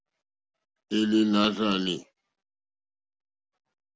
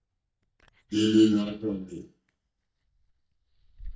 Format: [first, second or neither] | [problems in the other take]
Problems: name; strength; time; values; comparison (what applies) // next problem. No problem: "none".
first | noise reduction (neural mask model DeepFilterNet 3)